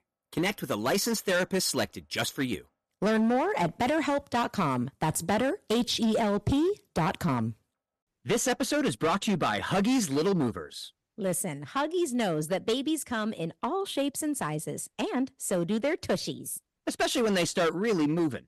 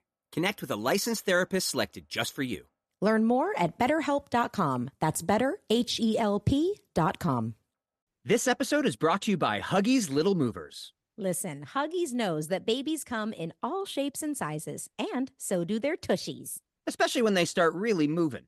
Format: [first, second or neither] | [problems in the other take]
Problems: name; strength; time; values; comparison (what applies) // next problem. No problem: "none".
second | distortion; slight; 10% of the sound clipped